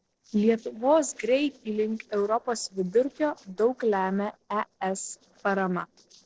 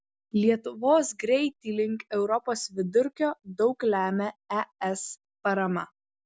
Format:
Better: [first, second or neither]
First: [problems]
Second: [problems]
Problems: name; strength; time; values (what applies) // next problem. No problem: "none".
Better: second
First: noise reduction (neural separator model SepFormer DNS4)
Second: none